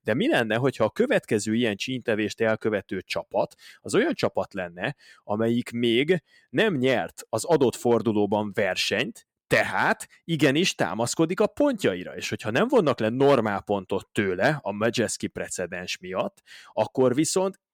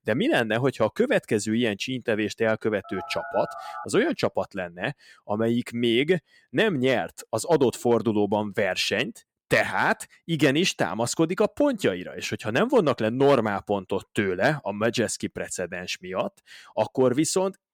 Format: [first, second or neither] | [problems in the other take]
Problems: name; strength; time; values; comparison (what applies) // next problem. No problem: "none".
first | phone ringing; faint; from 3 to 4 s; peak 10 dB below the speech